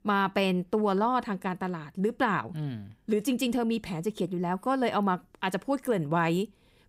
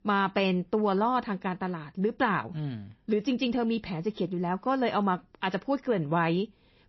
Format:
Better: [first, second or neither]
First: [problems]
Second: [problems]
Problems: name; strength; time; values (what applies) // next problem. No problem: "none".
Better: first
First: none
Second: garbled, watery; slightly; nothing above 5.5 kHz